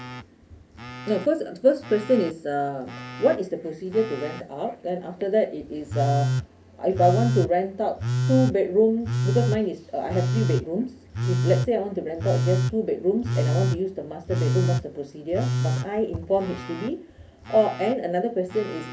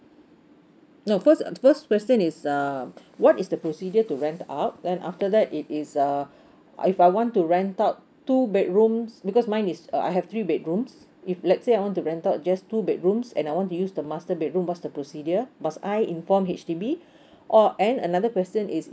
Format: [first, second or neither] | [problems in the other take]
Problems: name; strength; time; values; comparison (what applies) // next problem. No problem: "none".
second | background sound (Telephone); 3 dB below the speech // room echo; dies away in 0.3 s